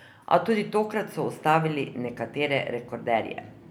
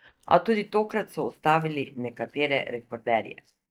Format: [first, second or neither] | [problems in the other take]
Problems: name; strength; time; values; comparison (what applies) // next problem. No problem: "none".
first | noise reduction (neural mask model DeepFilterNet 3)